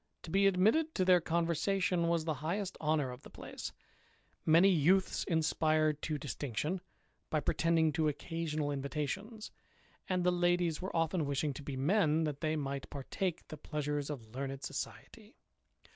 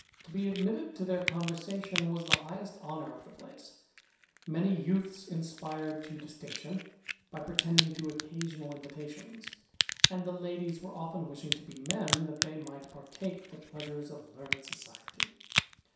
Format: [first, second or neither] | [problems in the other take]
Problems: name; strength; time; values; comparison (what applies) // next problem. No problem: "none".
first | background sound (Crack); 1 dB below the speech // room echo; dies away in 0.7 s